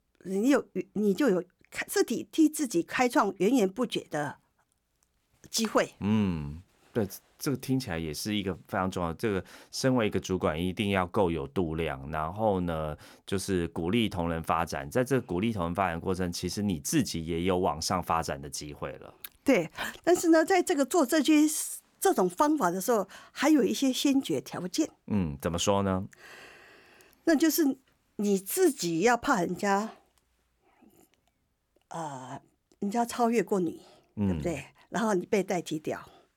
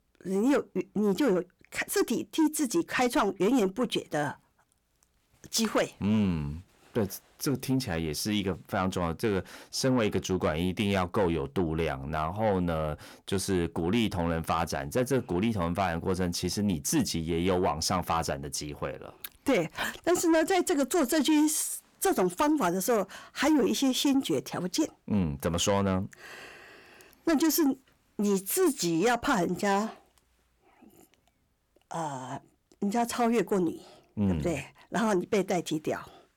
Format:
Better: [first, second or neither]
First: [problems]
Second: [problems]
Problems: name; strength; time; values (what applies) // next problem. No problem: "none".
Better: first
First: none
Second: distortion; slight; 10 dB below the speech